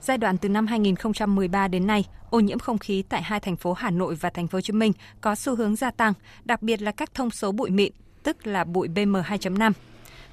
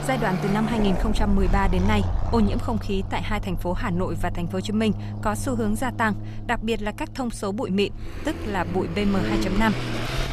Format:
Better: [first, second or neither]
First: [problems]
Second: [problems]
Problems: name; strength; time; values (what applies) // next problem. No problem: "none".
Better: first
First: traffic noise; faint; throughout; 30 dB below the speech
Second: traffic noise; loud; throughout; 4 dB below the speech